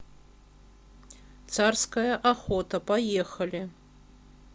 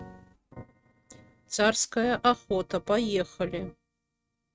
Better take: first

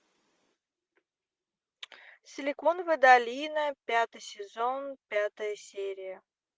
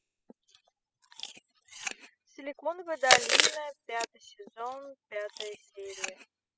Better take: first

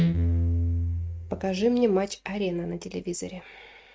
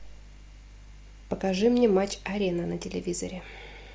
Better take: second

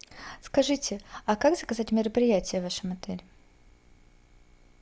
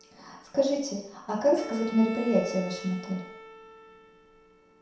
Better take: first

